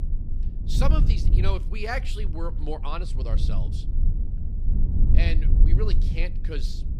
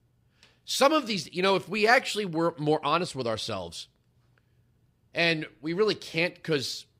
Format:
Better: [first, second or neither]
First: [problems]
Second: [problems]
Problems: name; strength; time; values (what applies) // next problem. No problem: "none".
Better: second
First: low rumble; loud; throughout; 8 dB below the speech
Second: none